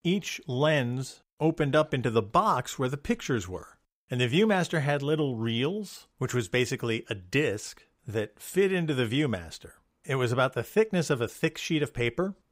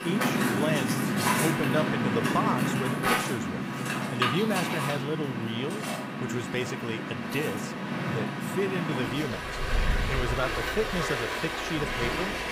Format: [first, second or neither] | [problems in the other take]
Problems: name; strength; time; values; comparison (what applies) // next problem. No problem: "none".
first | rain or running water; very loud; throughout; 3 dB above the speech